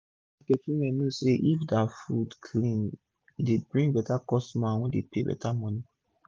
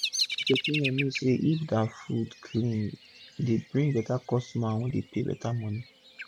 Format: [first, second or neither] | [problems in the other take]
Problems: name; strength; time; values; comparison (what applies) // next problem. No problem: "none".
first | background sound (Bird vocalization, bird call, bird song); 8 dB below the speech